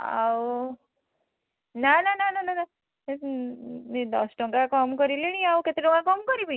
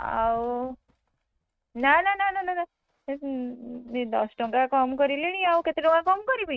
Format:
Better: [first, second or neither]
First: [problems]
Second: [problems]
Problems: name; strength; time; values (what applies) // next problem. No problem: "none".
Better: first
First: none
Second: noise reduction (neural mask model RNNoise)